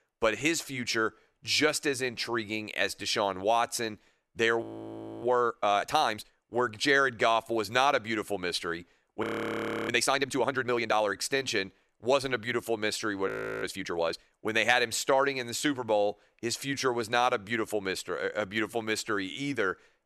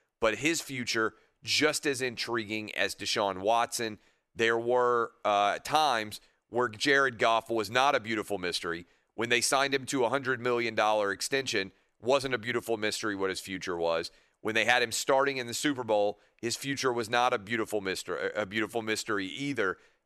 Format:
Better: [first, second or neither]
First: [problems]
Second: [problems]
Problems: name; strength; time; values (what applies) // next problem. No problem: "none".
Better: second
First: audio freezing; at 4.5 s for 0.5 s, at 9 s for 0.5 s and at 13 s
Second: none